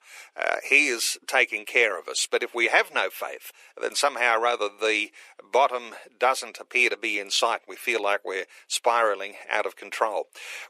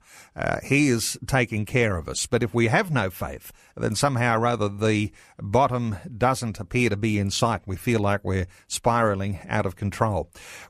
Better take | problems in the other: second | thin; very; fading below 400 Hz

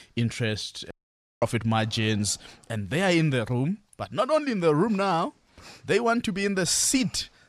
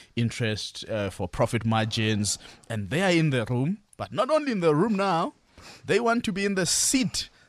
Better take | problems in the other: second | audio cutting out; at 1 s for 0.5 s

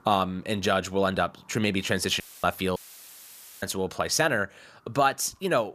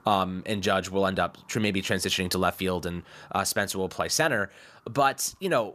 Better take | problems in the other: second | audio cutting out; filled with static; at 2 s and at 3 s for 1 s

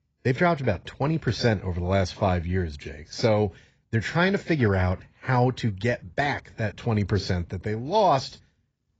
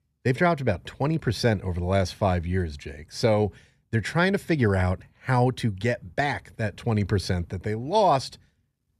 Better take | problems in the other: second | garbled, watery; badly; nothing above 7.5 kHz

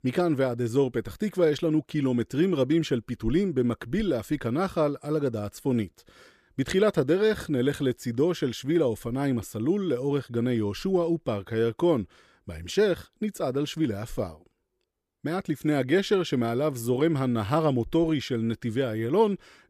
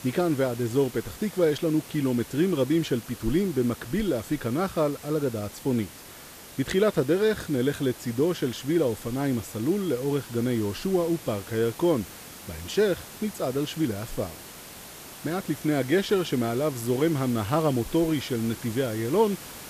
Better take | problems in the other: first | hiss; noticeable; throughout; 15 dB below the speech

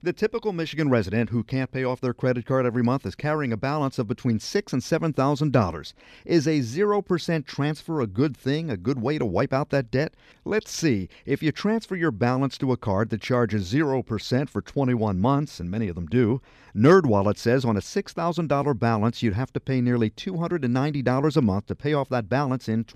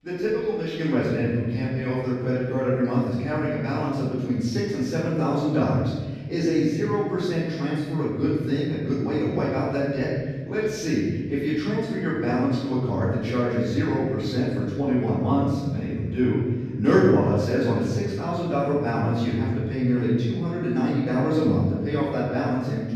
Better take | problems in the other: first | off-mic speech; far // room echo; strong; dies away in 1.5 s

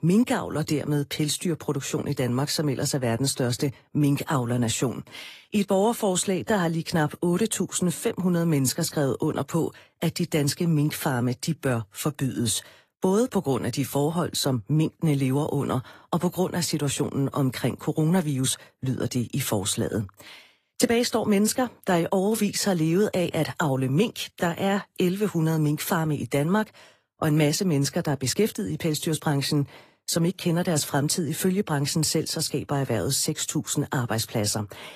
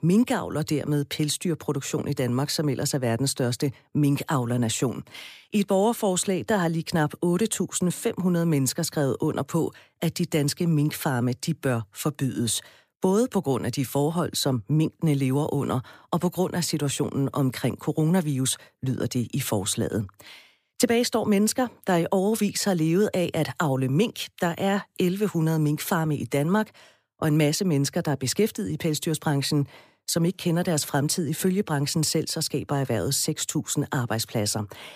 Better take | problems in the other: second | garbled, watery; slightly; nothing above 15 kHz

